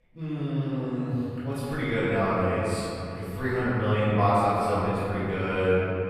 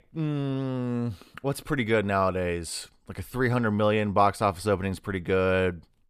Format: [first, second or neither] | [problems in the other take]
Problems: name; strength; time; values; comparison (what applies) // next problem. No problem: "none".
second | room echo; strong; dies away in 3 s // off-mic speech; far